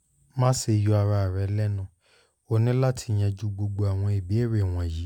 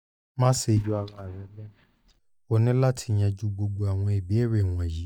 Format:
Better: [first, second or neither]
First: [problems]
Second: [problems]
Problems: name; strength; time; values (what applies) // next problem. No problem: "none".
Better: first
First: none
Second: noise reduction (neural mask model DeepFilterNet 3)